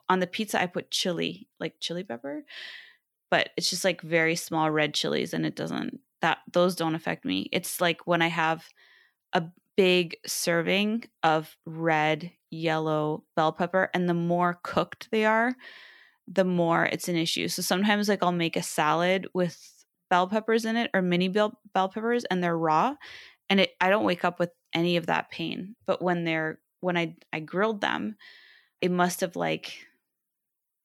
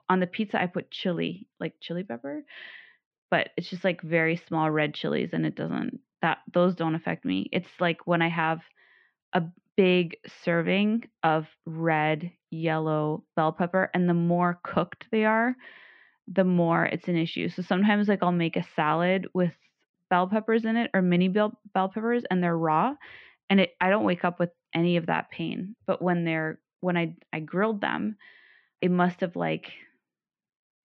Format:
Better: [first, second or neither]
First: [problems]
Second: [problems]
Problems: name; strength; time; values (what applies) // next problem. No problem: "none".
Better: first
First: none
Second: muffled; very; fading above 3 kHz